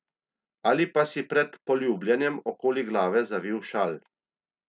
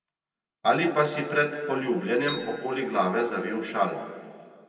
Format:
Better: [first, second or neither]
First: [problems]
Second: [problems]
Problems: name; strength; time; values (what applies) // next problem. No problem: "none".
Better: first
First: none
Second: background sound (Piano); 16 dB below the speech // room echo; dies away in 1.8 s